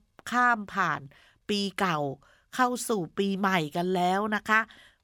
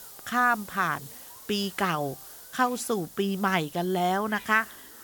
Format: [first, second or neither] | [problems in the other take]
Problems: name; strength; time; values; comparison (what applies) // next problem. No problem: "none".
first | hiss; noticeable; throughout; 15 dB below the speech